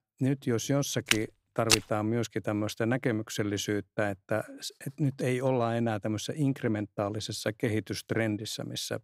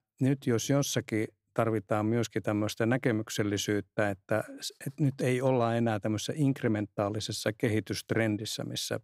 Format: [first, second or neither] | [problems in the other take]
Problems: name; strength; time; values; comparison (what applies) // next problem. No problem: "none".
second | footsteps; loud; at 1 s; peak 5 dB above the speech